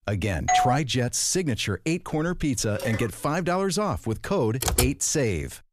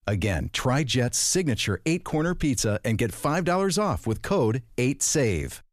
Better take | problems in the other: second | doorbell; loud; at 0.5 s; peak 3 dB above the speech // phone ringing; noticeable; at 3 s; peak 9 dB below the speech // keyboard typing; loud; at 4.5 s; peak 2 dB above the speech

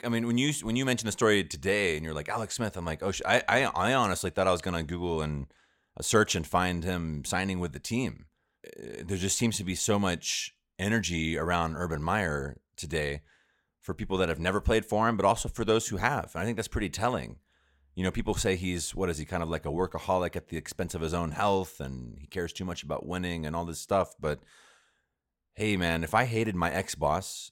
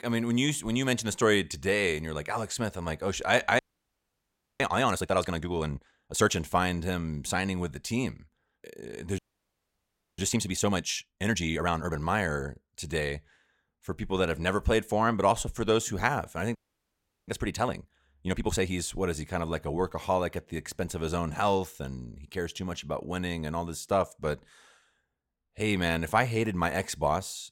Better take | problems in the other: first | audio freezing; at 3.5 s for 1 s, at 9 s for 1 s and at 17 s for 0.5 s

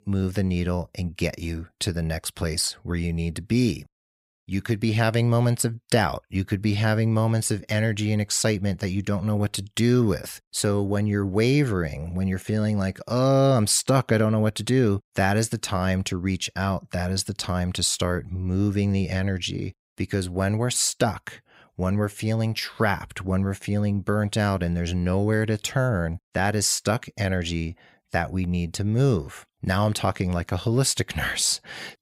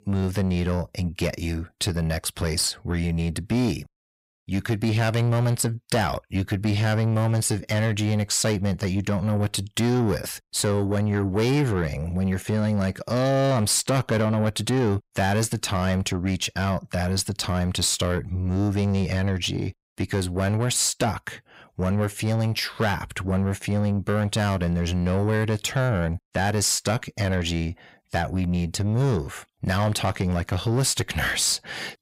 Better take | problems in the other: first | distortion; slight; 10 dB below the speech

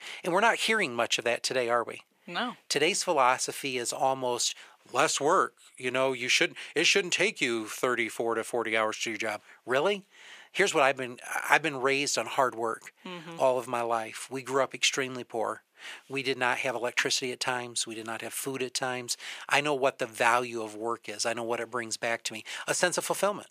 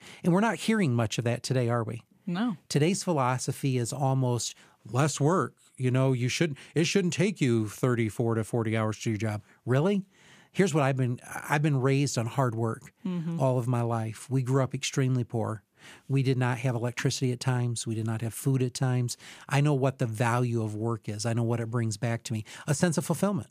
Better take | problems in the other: second | thin; very; fading below 550 Hz

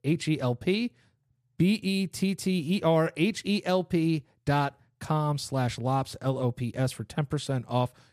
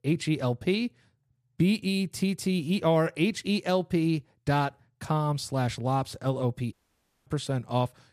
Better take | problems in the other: first | audio cutting out; at 6.5 s for 0.5 s

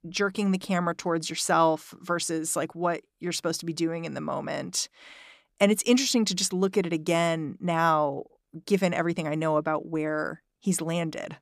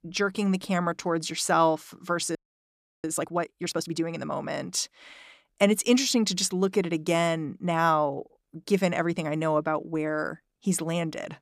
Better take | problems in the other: first | audio freezing; at 2.5 s for 0.5 s

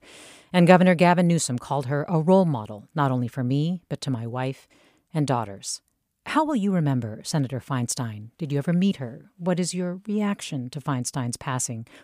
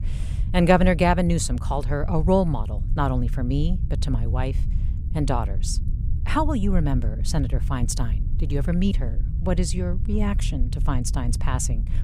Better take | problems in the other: first | low rumble; noticeable; throughout; 15 dB below the speech

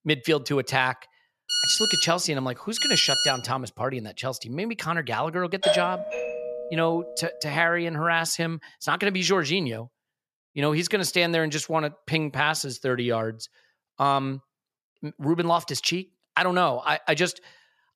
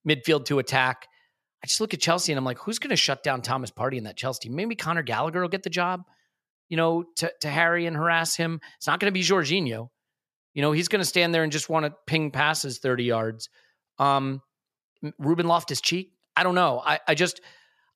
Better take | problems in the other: second | phone ringing; loud; from 1.5 to 3.5 s; peak 5 dB above the speech // doorbell; loud; from 5.5 to 7 s; peak 2 dB above the speech

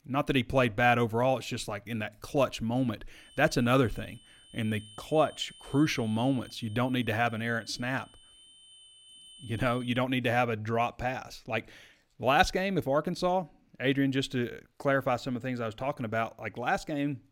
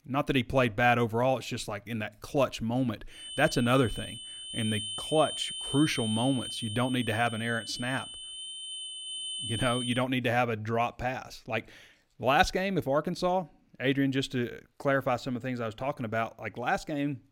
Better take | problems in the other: first | high-pitched whine; loud; from 3 to 10 s; 3 kHz, 7 dB below the speech; faint in the first

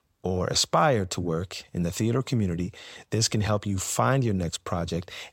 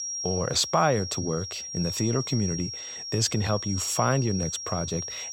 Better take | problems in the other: first | high-pitched whine; loud; throughout; 5.5 kHz, 5 dB below the speech

